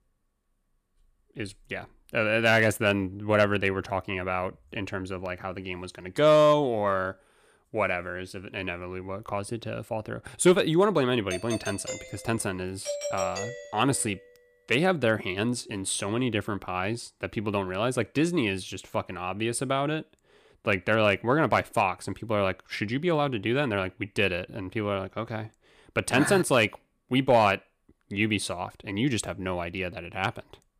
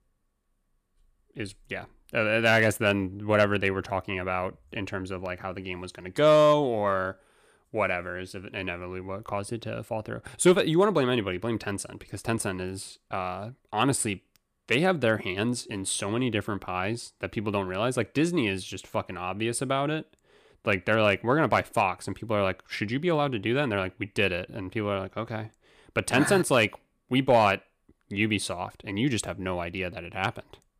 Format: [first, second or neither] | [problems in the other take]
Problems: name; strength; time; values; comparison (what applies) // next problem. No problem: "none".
second | doorbell; noticeable; from 11 to 14 s; peak 4 dB below the speech